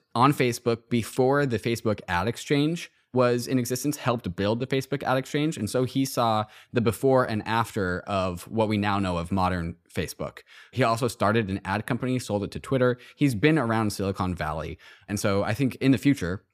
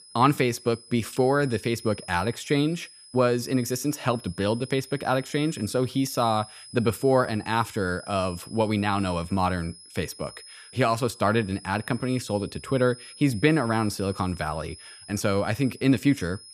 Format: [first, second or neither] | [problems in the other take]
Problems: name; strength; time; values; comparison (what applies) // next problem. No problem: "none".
first | high-pitched whine; noticeable; throughout; 5 kHz, 20 dB below the speech